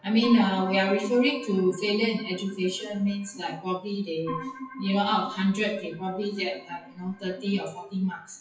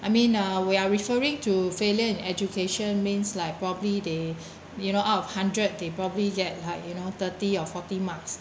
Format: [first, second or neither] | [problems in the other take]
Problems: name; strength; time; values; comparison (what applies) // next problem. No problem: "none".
second | noise reduction (classical method WPE with log-MMSE)